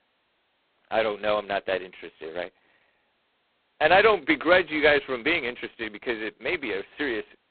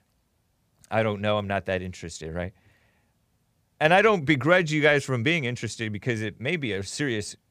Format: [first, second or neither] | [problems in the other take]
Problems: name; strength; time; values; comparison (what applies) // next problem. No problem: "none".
second | phone-call audio; poor line; nothing above 4 kHz